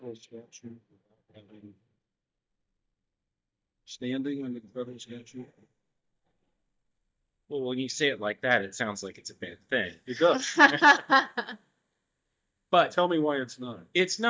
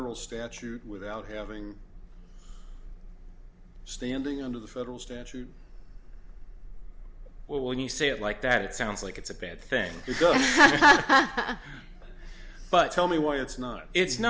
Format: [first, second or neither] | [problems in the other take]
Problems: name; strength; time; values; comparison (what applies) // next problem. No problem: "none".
second | noise reduction (neural mask model DeepFilterNet 3)